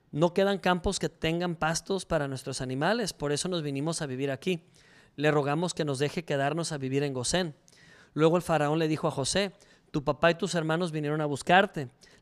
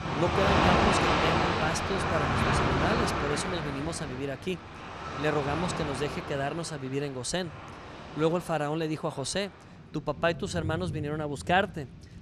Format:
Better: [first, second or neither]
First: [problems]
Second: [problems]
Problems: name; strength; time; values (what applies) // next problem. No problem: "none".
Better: first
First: none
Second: rain or running water; very loud; throughout; 3 dB above the speech